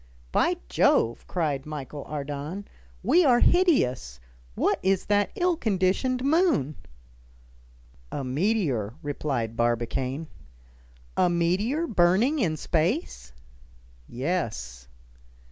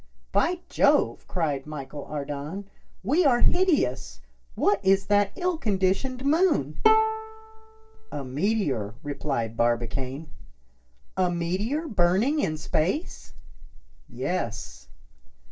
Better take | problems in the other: first | noise reduction (neural separator model SepFormer DNS4)

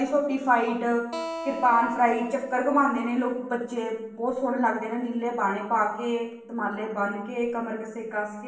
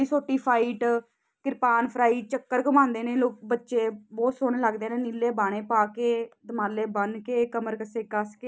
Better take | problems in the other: second | background sound (Acoustic guitar); 13 dB below the speech // room echo; dies away in 0.6 s

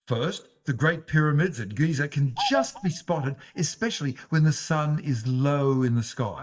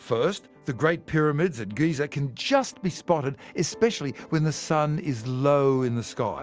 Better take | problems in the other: second | noise reduction (neural mask model DeepFilterNet 3)

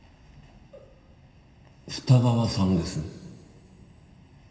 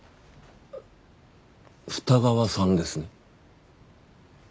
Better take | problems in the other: second | room echo; dies away in 2.4 s

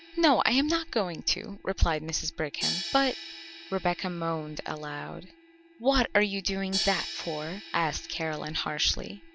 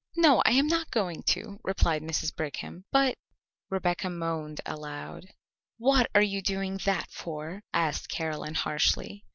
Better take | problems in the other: second | background sound (Crash cymbal); 12 dB below the speech

